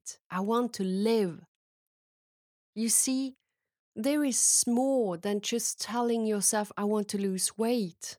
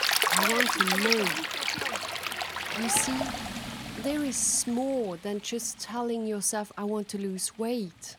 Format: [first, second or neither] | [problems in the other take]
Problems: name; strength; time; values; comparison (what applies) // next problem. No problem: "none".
first | rain or running water; very loud; throughout; 2 dB above the speech